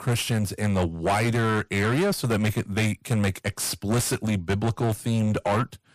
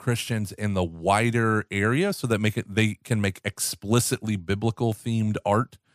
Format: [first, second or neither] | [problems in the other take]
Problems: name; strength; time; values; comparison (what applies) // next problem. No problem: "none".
second | distortion; heavy; 7 dB below the speech